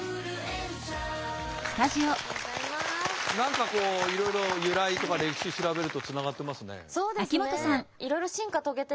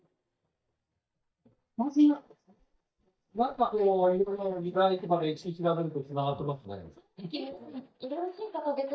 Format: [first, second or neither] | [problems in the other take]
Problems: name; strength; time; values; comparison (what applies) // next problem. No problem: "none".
first | noise reduction (neural mask model DeepFilterNet 3)